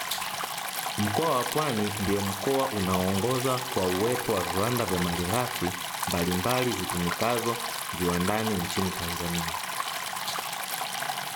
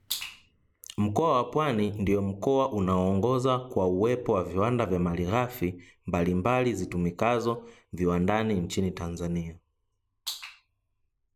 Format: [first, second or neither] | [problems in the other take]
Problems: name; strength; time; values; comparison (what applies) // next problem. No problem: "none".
second | background sound (Stream); 3 dB below the speech